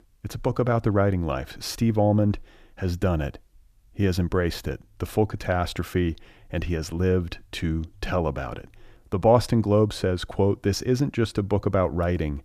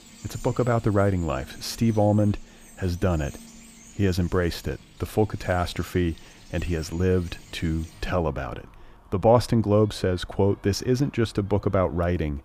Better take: first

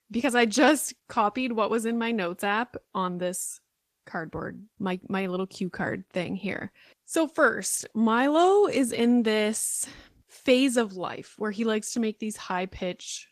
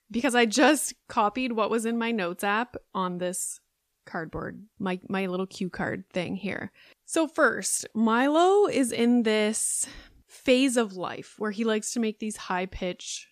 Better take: second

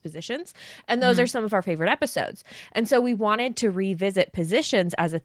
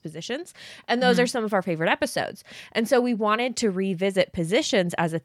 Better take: second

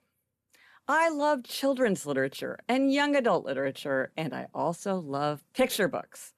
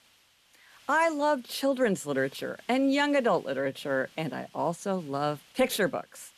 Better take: first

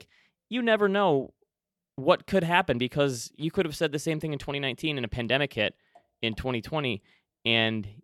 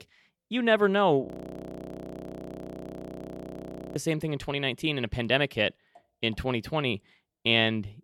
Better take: first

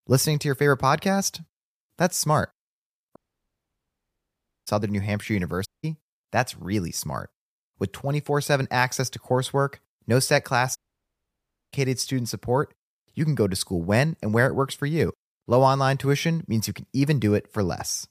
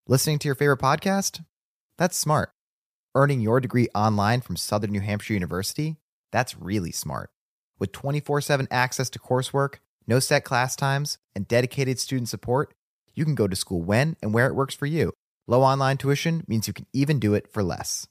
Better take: second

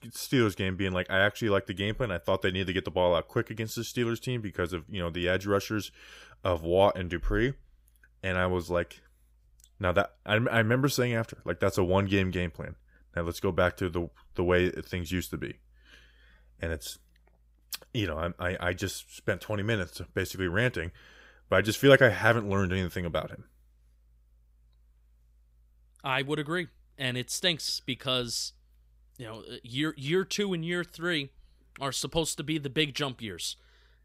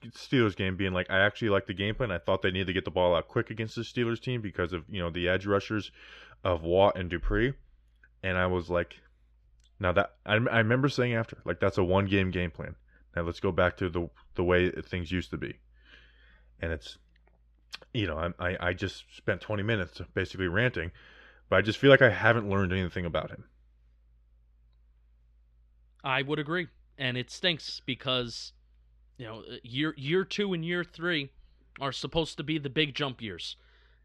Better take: first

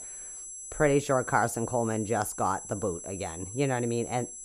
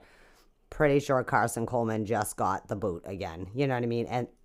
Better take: second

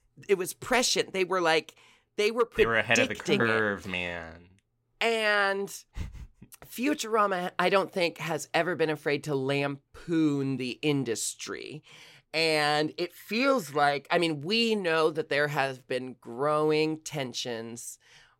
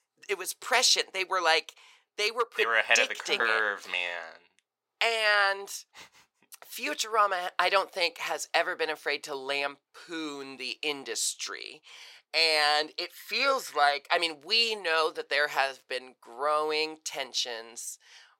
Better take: first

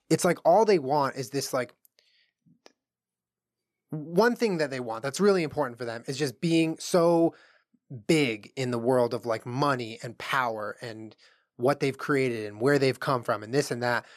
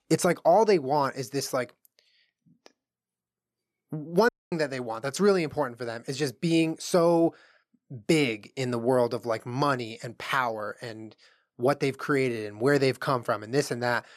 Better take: first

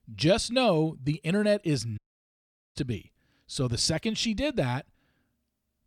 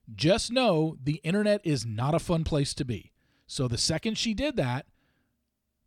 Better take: second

